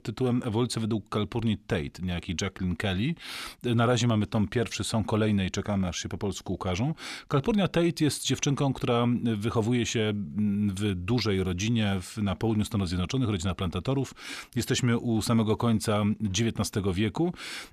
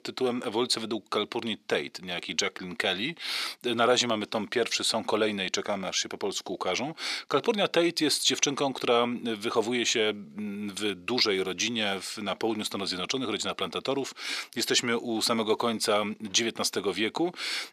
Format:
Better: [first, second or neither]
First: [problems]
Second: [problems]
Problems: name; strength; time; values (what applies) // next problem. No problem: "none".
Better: first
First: none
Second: thin; somewhat; fading below 400 Hz